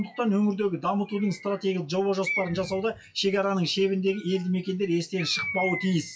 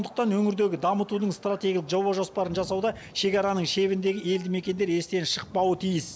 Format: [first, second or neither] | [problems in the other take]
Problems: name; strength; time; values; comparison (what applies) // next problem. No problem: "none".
second | noise reduction (classical method WPE with log-MMSE)